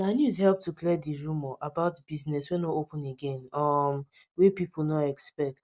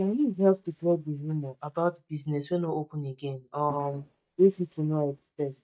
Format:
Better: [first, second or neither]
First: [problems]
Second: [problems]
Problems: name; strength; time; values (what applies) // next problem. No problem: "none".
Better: first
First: none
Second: noise reduction (neural mask model DeepFilterNet 3)